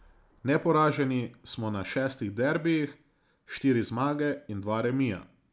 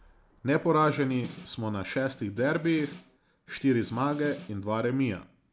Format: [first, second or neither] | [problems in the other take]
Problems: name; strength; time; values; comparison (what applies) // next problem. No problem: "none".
first | background sound (Snare drum); 19 dB below the speech